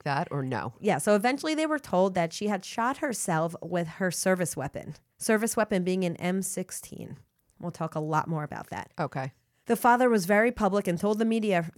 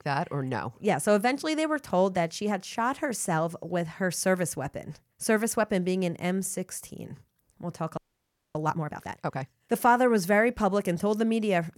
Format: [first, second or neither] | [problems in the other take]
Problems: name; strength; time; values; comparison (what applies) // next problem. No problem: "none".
first | audio freezing; at 8 s for 0.5 s